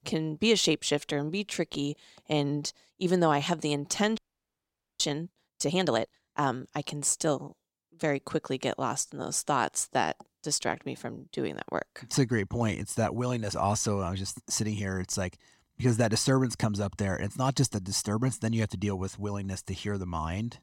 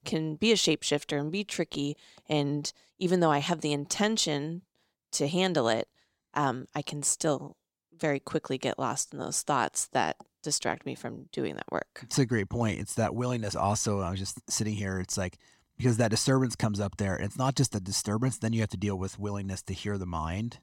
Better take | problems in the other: second | audio freezing; at 4 s for 1 s

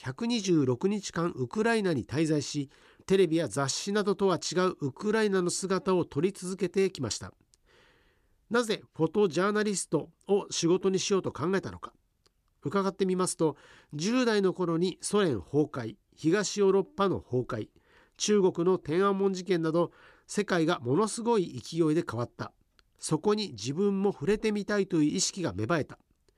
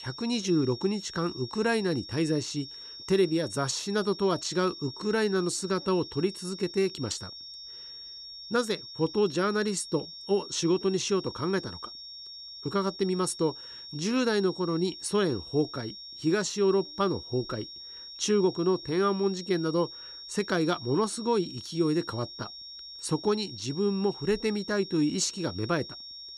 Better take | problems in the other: first | high-pitched whine; noticeable; throughout; 5.5 kHz, 10 dB below the speech

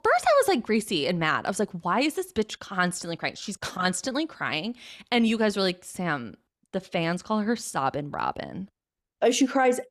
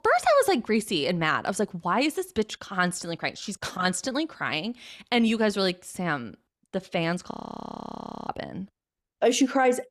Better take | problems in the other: first | audio freezing; at 7.5 s for 1 s

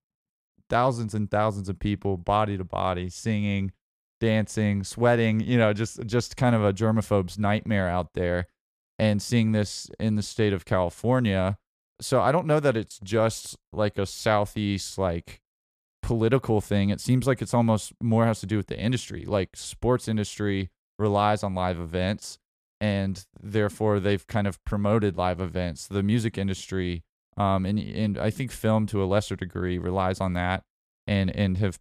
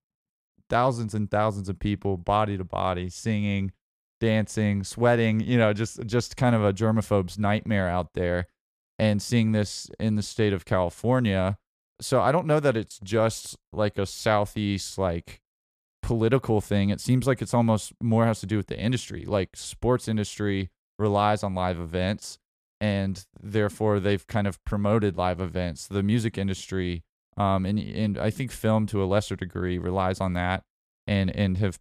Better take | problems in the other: neither | none

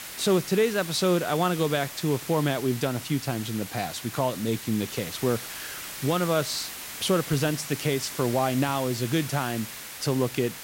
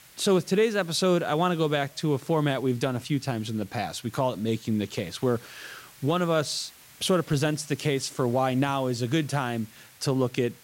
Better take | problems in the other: second | hiss; loud; throughout; 9 dB below the speech; faint in the second

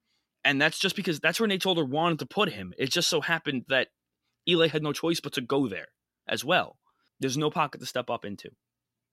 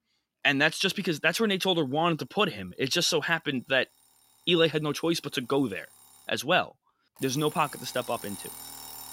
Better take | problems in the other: first | alarms or sirens; noticeable; throughout; 15 dB below the speech

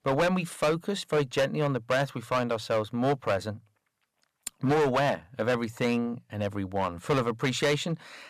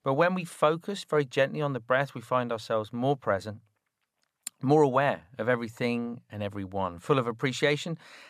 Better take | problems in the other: second | distortion; heavy; 9% of the sound clipped

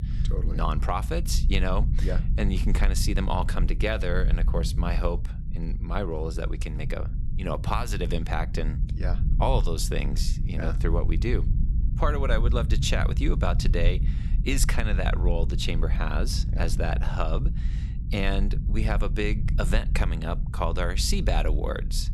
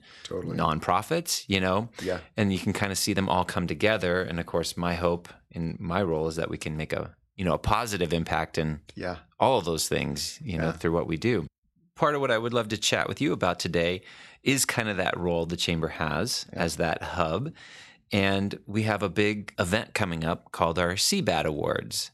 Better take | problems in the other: second | low rumble; noticeable; throughout; 15 dB below the speech

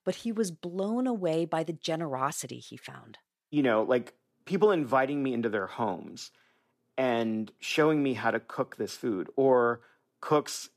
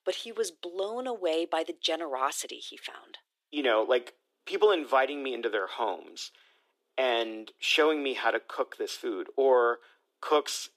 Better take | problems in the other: first | thin; somewhat; fading below 350 Hz

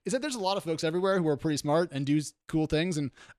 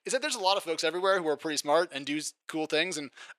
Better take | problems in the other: first | thin; somewhat; fading below 550 Hz

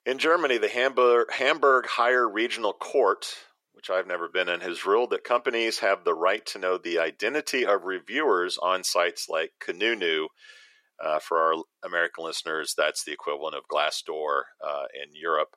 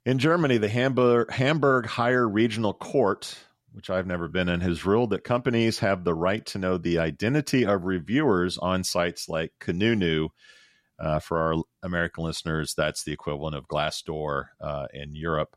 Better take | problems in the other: second | thin; very; fading below 400 Hz

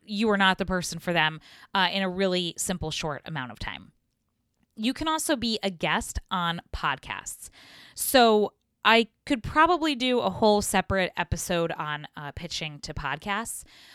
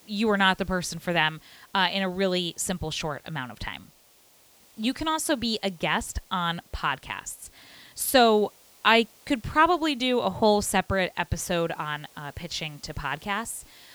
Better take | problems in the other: first | hiss; faint; throughout; 30 dB below the speech

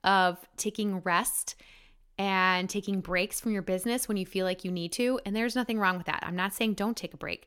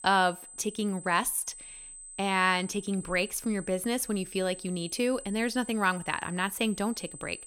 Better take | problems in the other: first | high-pitched whine; noticeable; throughout; 8 kHz, 15 dB below the speech

